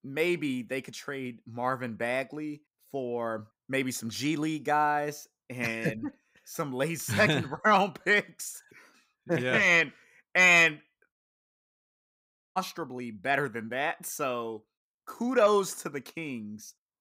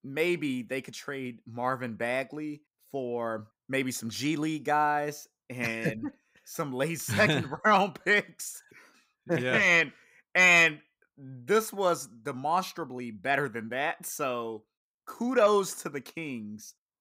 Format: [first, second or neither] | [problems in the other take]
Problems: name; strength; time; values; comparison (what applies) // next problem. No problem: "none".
second | audio cutting out; at 11 s for 1.5 s